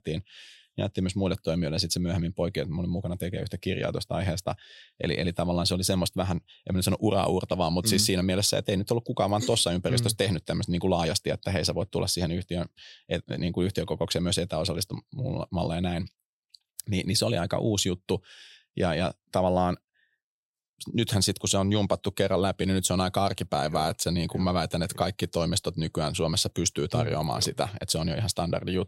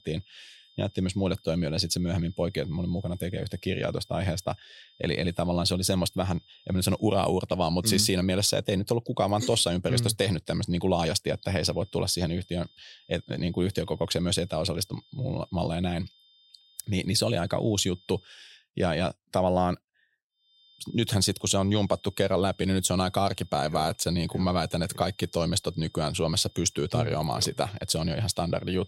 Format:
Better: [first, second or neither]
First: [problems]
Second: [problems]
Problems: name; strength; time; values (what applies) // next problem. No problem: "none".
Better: first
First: none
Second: high-pitched whine; faint; until 7 s, from 11 to 18 s and from 21 s on; 3.5 kHz, 30 dB below the speech